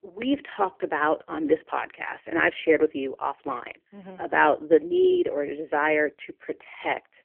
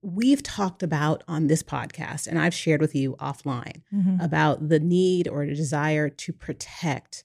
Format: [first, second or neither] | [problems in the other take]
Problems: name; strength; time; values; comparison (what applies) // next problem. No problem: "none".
second | phone-call audio; poor line; nothing above 3 kHz